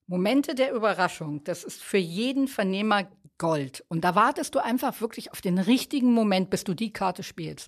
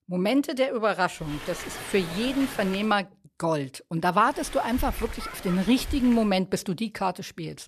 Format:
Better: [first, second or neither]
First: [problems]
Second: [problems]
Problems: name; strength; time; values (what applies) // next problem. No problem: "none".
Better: first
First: none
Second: hiss; noticeable; from 1 to 3 s and from 4.5 to 6 s; 10 dB below the speech